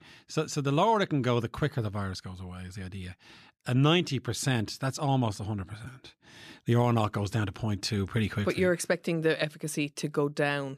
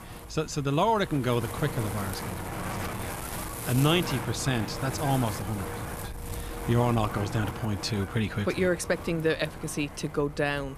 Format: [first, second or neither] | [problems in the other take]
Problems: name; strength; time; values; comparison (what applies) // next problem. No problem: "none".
first | wind noise on the microphone; heavy; 8 dB below the speech